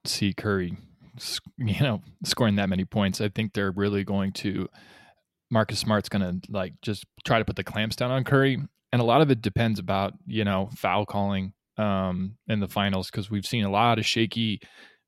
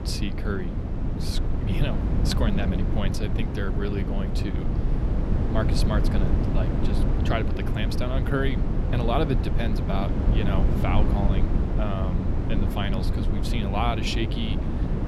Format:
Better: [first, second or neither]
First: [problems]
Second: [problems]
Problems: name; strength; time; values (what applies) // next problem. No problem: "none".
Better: first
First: none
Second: low rumble; loud; throughout; 3 dB below the speech